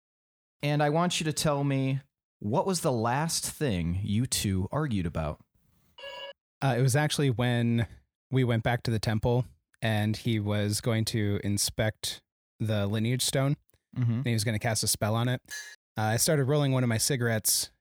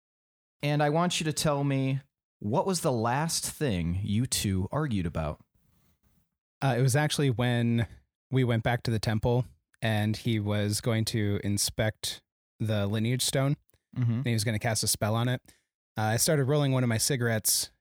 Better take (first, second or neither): second